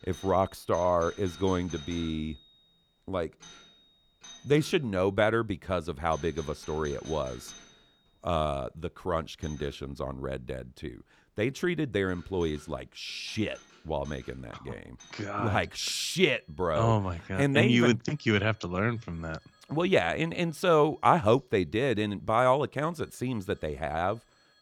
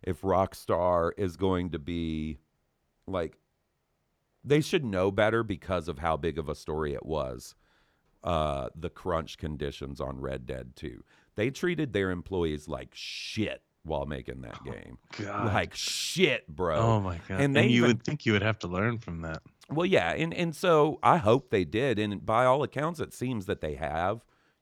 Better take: second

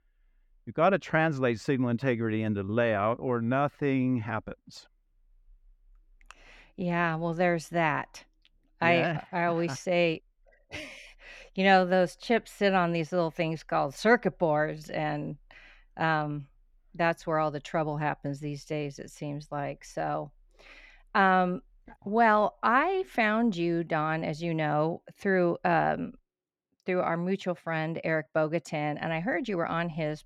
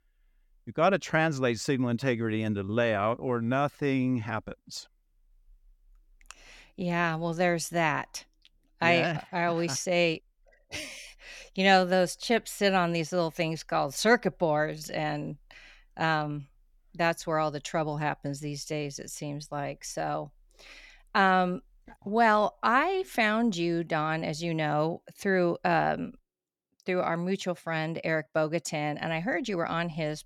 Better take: second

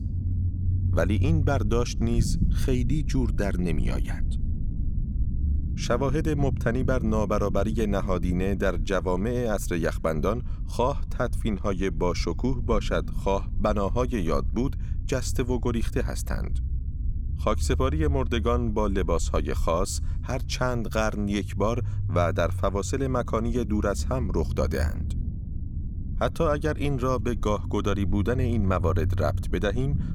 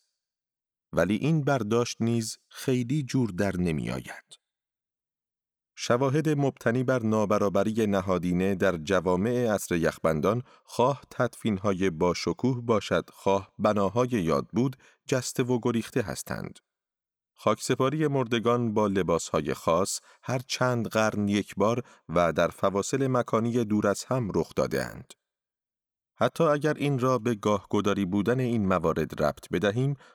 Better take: second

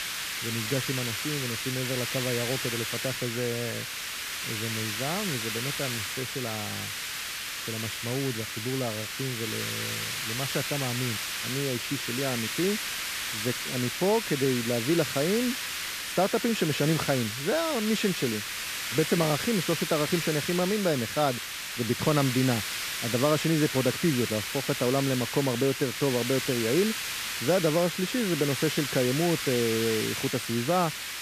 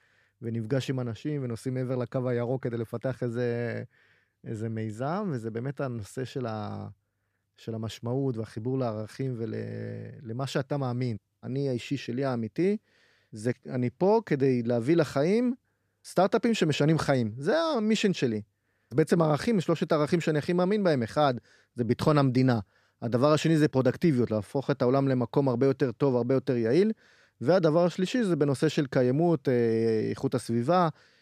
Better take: second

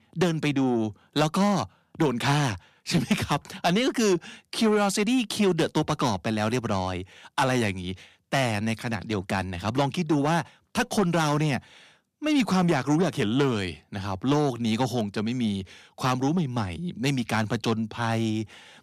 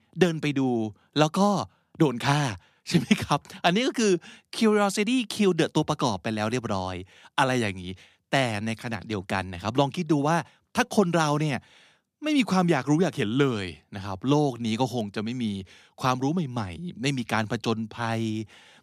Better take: second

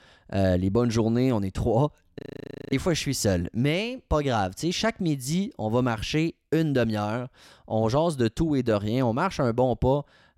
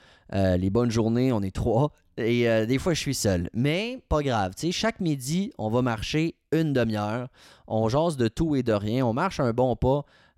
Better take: second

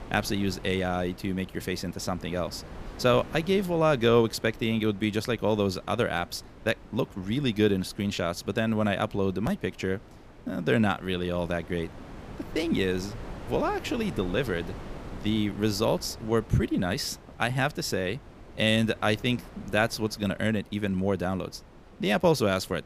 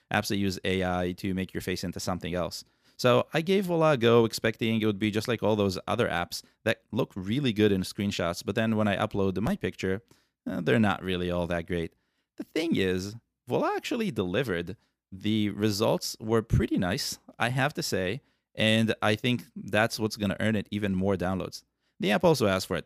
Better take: second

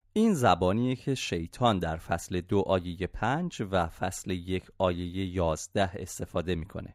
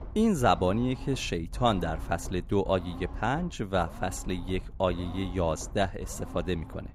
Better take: first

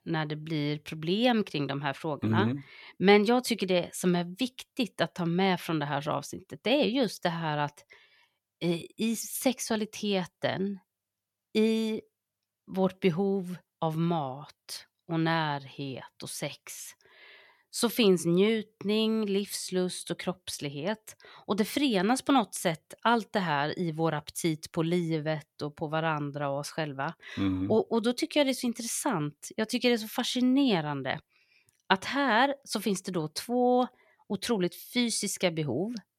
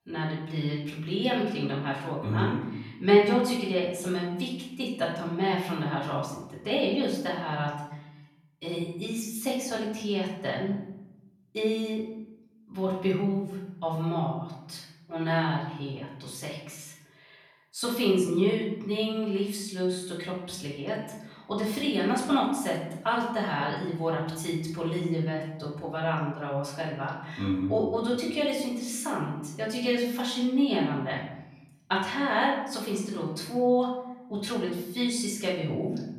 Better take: first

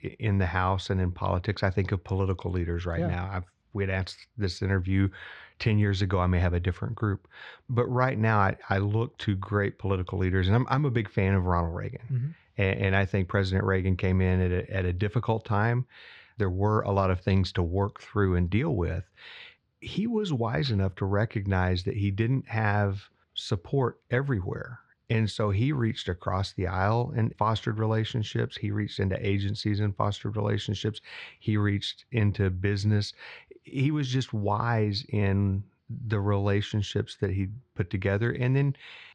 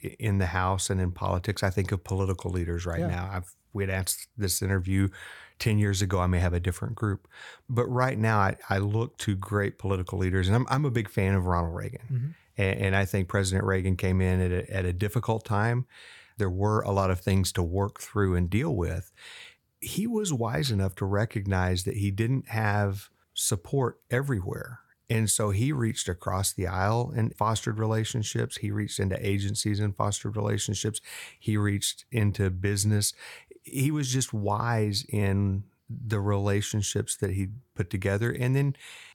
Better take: second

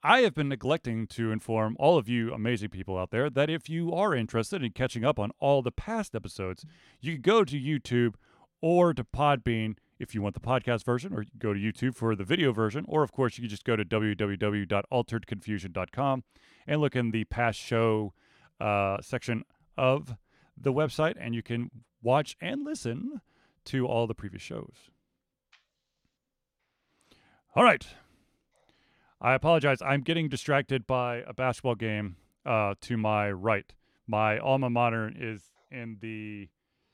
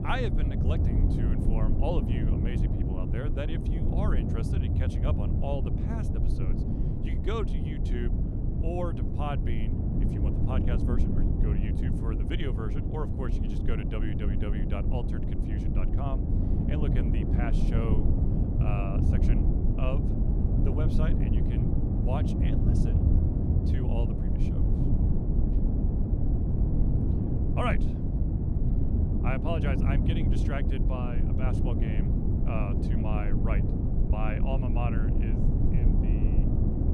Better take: first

